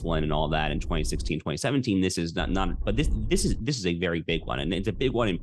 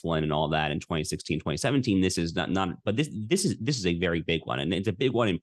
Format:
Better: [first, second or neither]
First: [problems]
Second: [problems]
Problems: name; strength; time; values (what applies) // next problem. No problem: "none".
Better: second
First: low rumble; faint; until 1.5 s, from 2.5 to 3.5 s and from 4.5 s on; 25 dB below the speech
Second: none